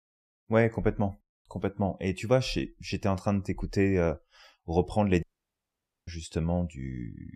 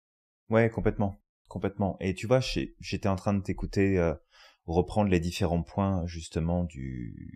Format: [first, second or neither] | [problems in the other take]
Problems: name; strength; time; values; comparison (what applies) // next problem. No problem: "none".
second | audio cutting out; at 5 s for 1 s